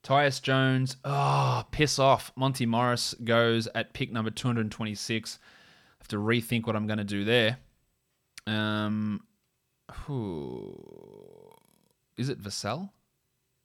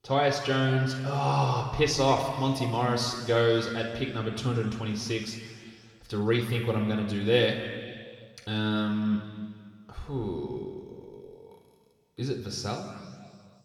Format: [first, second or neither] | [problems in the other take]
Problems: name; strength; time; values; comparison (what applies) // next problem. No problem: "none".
first | room echo; noticeable; dies away in 2 s // off-mic speech; somewhat distant